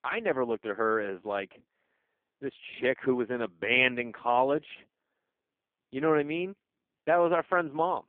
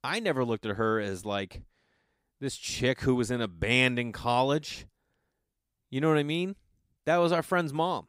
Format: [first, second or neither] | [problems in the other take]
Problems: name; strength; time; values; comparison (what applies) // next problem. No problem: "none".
second | phone-call audio; poor line